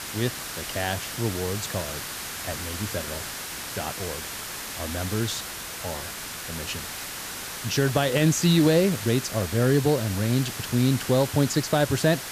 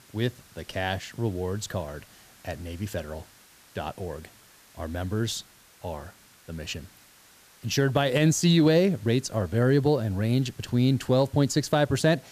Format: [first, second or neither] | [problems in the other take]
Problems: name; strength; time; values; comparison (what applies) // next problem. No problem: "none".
second | hiss; loud; throughout; 8 dB below the speech; faint in the second